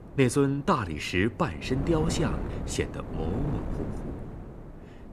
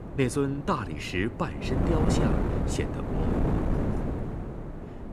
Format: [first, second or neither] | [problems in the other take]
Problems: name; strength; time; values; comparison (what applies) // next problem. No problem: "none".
first | wind noise on the microphone; heavy; 3 dB below the speech; occasional gusts in the first